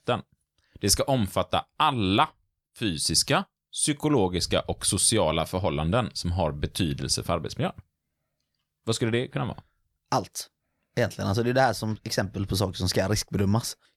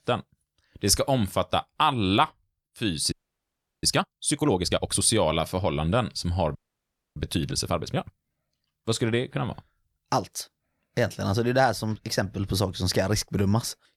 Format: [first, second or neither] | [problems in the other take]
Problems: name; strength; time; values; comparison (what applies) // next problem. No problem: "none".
first | audio freezing; at 3 s for 0.5 s and at 6.5 s for 0.5 s